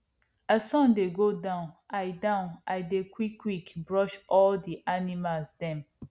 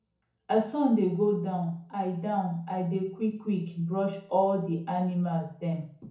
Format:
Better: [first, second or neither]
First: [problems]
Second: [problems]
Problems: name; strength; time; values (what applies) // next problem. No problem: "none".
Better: first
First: none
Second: room echo; dies away in 0.6 s